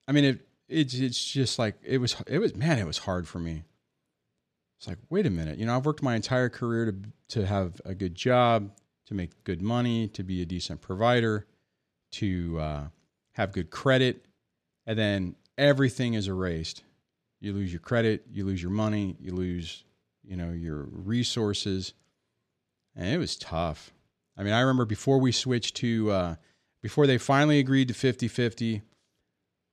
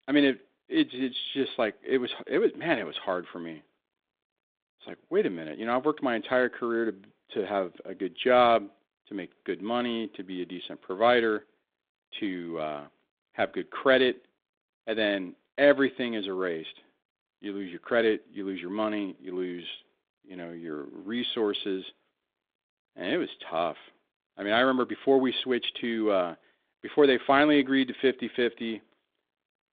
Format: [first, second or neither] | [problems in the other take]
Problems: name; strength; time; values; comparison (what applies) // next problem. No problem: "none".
first | phone-call audio